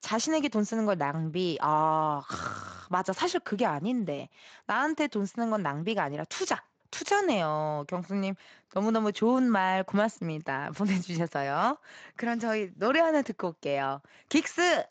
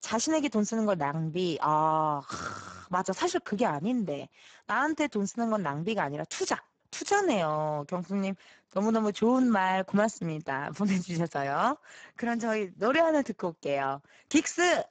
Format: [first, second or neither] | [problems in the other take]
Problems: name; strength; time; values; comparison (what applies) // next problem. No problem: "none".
first | garbled, watery; badly; nothing above 7.5 kHz; slightly in the first